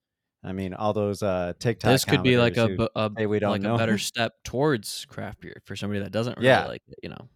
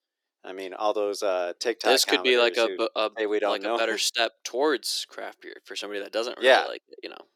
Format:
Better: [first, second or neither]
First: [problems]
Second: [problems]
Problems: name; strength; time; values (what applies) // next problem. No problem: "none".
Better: first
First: none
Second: thin; very; fading below 300 Hz